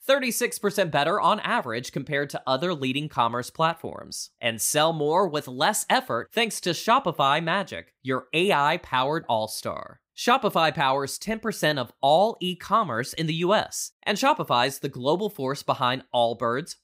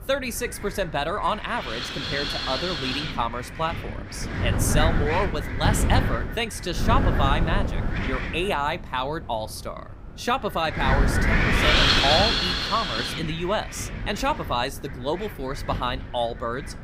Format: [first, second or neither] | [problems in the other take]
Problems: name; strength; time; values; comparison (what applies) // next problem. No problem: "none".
first | wind noise on the microphone; heavy; 1 dB above the speech